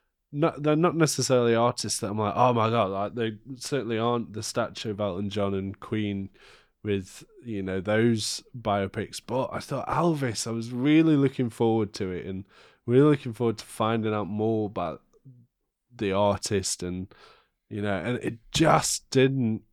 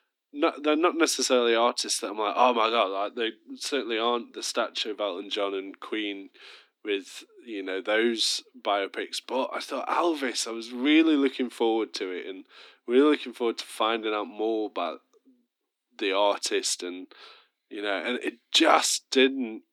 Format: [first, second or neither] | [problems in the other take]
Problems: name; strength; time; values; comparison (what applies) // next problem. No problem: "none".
first | thin; very slightly; fading below 250 Hz